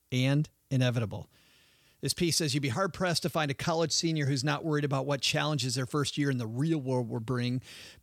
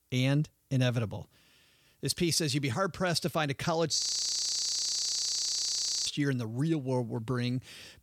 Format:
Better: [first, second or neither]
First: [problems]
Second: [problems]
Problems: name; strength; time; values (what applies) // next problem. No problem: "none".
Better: first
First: none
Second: audio freezing; at 4 s for 2 s